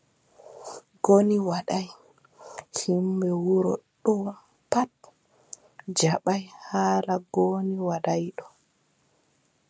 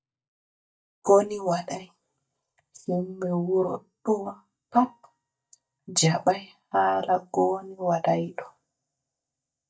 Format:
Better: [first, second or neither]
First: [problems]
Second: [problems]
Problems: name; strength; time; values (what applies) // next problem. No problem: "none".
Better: first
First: none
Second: noise reduction (neural mask model DeepFilterNet 3)